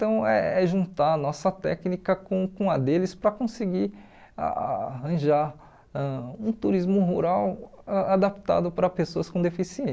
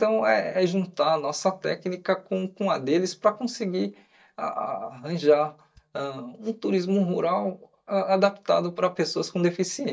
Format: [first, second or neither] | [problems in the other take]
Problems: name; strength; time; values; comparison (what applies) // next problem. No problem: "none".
first | noise reduction (neural mask model DeepFilterNet 3)